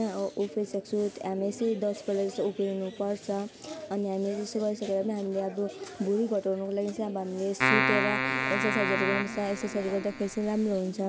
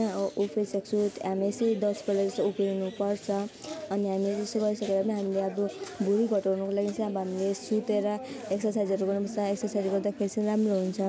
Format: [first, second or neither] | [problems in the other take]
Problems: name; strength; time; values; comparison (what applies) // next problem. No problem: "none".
second | background sound (Keyboard (musical)); as loud as the speech